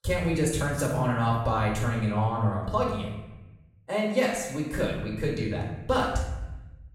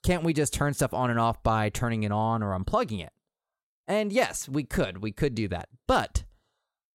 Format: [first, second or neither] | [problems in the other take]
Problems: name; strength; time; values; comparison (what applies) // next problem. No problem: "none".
second | off-mic speech; far // room echo; noticeable; dies away in 0.9 s